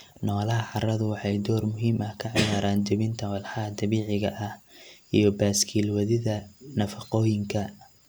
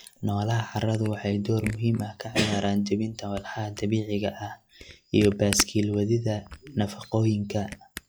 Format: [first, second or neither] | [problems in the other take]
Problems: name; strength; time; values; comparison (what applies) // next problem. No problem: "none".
first | noise reduction (classical method log-MMSE)